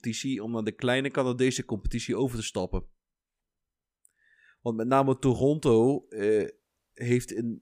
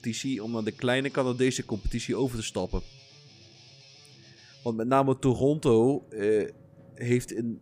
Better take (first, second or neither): first